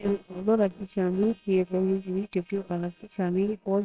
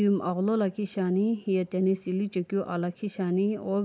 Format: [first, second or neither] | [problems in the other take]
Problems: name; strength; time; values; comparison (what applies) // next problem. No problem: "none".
second | noise reduction (neural separator model SepFormer WHAMR!)